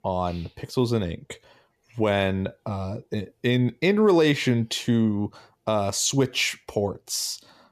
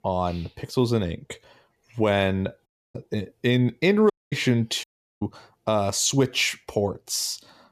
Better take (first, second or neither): first